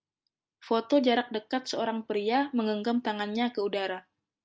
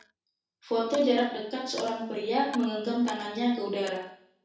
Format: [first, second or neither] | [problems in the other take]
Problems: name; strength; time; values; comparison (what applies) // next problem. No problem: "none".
first | background sound (Coin (dropping)); 20 dB below the speech // room echo; dies away in 0.7 s